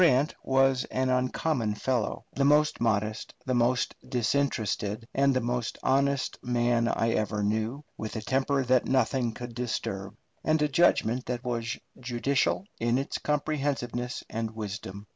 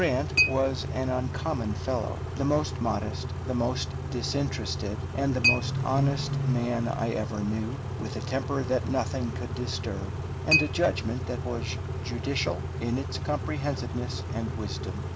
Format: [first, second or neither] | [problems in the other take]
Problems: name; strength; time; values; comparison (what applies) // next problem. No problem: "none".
first | background sound (Idling / Accelerating, revving, vroom / Car + Chink, clink); as loud as the speech